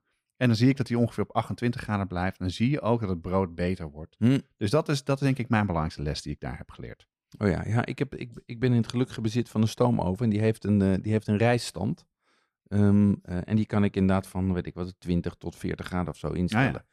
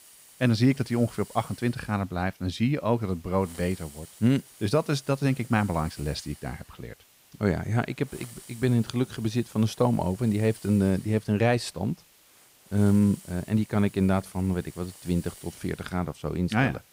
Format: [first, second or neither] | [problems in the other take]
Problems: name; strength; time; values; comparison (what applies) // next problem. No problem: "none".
first | hiss; faint; throughout; 20 dB below the speech